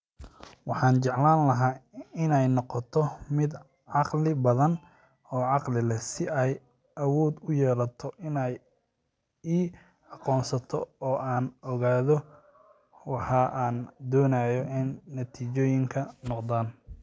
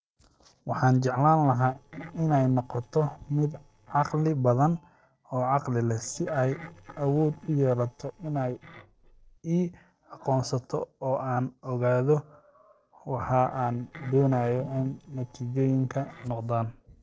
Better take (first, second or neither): first